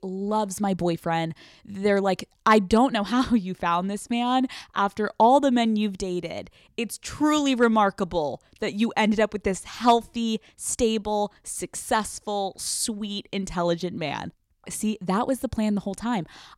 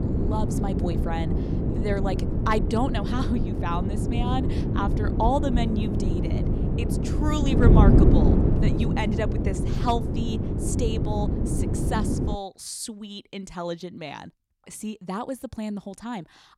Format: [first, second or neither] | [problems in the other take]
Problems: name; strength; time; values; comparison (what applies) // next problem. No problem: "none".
first | wind noise on the microphone; heavy; until 12 s; 1 dB below the speech